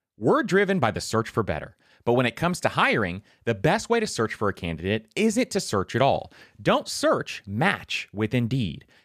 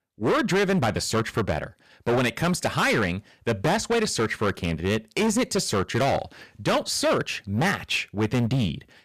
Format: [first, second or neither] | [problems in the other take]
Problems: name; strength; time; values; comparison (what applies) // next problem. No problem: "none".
first | distortion; heavy; 14% of the sound clipped